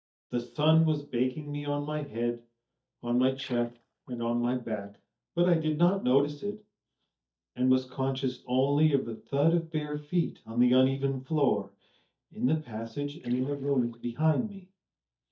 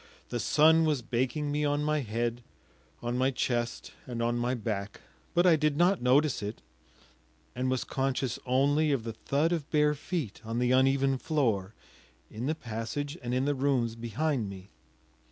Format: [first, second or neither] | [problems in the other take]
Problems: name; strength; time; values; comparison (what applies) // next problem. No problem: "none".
second | noise reduction (neural mask model DeepFilterNet 3)